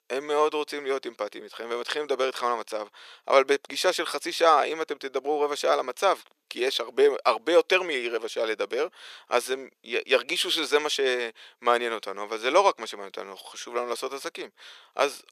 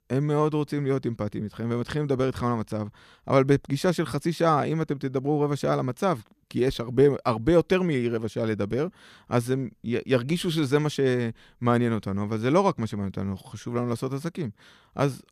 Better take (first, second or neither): second